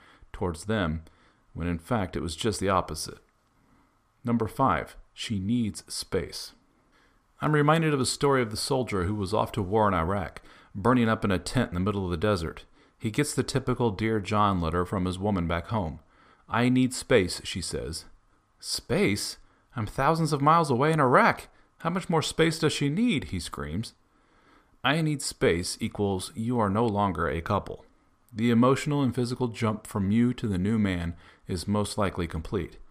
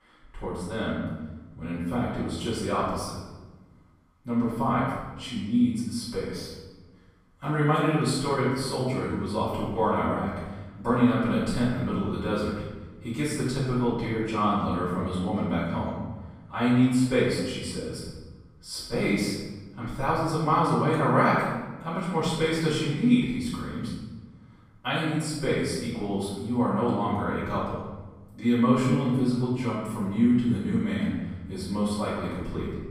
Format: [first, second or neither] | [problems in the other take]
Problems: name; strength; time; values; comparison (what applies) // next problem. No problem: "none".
first | off-mic speech; far // room echo; strong; dies away in 1.1 s